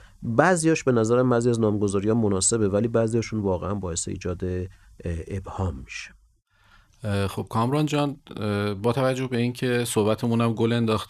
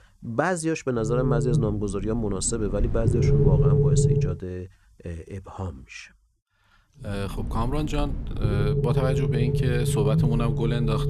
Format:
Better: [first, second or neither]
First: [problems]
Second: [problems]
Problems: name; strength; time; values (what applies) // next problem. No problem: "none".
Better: first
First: none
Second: low rumble; loud; from 1 to 4.5 s and from 7 s on; 1 dB below the speech